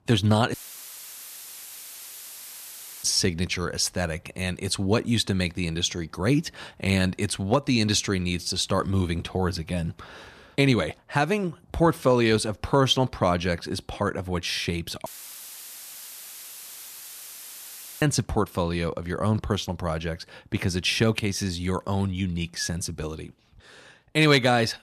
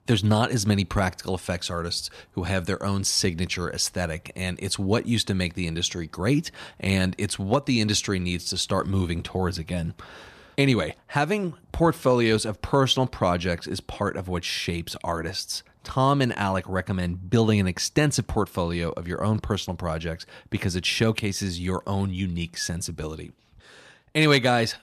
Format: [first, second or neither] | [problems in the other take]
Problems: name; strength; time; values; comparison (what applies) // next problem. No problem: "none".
second | audio cutting out; filled with static; at 0.5 s for 2.5 s and at 15 s for 3 s